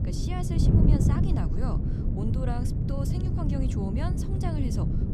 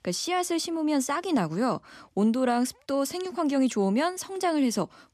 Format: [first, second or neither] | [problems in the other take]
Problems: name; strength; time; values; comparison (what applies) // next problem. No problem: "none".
second | wind noise on the microphone; heavy; 2 dB above the speech